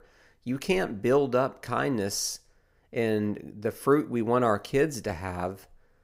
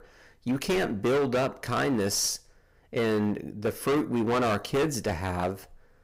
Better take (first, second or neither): first